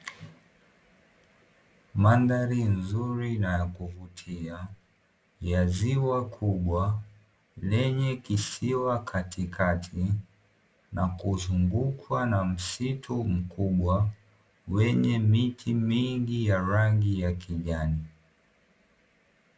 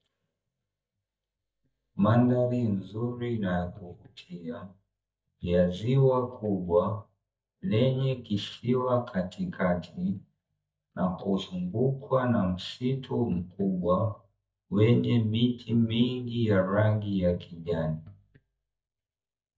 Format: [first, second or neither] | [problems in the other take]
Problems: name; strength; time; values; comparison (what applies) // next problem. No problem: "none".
first | noise reduction (neural mask model DeepFilterNet 3)